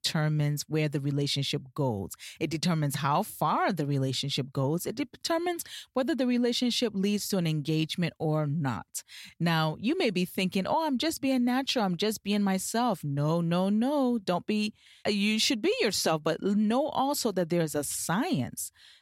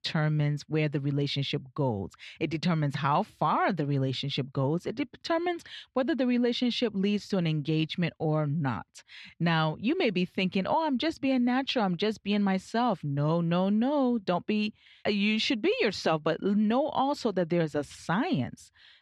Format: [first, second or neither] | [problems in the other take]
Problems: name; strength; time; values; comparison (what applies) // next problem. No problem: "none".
first | muffled; very slightly; fading above 3 kHz